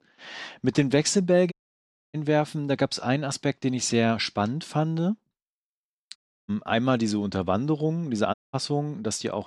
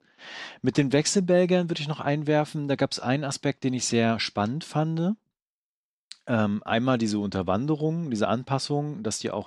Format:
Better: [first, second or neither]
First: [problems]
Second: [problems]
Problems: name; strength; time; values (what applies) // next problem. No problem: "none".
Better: second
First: audio cutting out; at 1.5 s for 0.5 s, at 6 s and at 8.5 s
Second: none